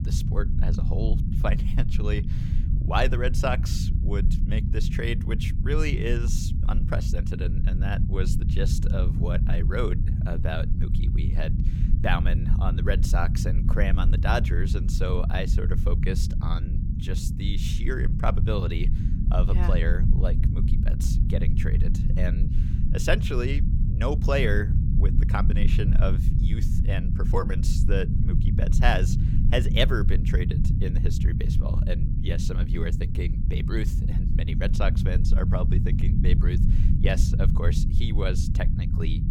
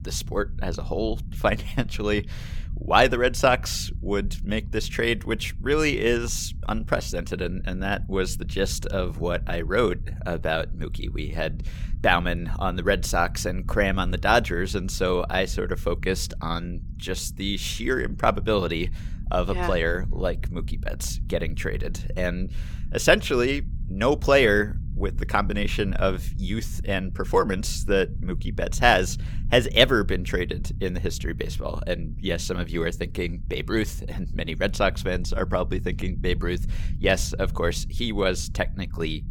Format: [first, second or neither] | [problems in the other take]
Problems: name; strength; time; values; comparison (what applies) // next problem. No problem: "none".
second | low rumble; loud; throughout; 7 dB below the speech; faint in the second